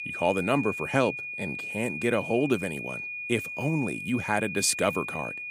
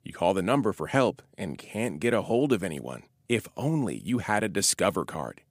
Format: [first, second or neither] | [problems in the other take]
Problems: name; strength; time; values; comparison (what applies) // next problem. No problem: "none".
second | high-pitched whine; loud; throughout; 2.5 kHz, 5 dB below the speech